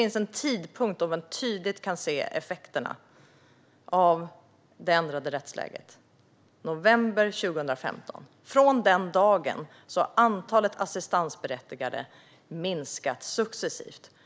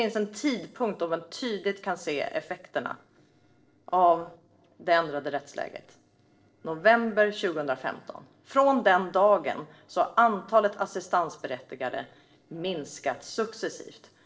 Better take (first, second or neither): first